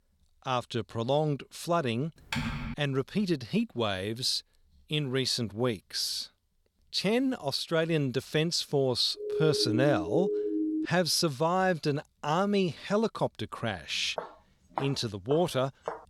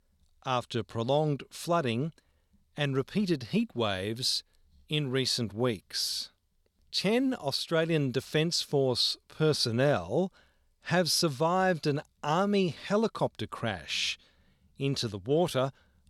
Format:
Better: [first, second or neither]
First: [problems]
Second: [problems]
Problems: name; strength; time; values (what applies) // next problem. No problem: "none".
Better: second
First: keyboard typing; noticeable; at 2.5 s; peak 3 dB below the speech // siren; noticeable; from 9 to 11 s; peak 1 dB below the speech // footsteps; noticeable; from 14 s on; peak 9 dB below the speech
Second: none